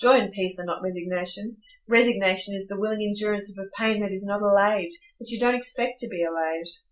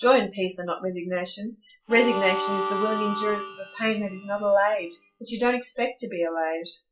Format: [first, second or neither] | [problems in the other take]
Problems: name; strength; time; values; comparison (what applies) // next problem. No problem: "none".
first | noise reduction (classical method log-MMSE)